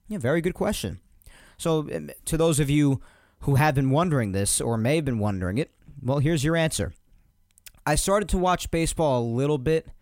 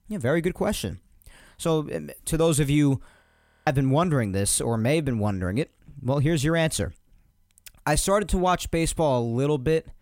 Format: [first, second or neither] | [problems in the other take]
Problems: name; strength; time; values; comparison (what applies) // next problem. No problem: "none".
first | audio freezing; at 3 s